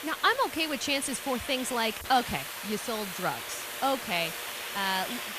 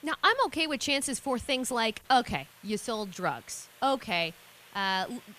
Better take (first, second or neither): second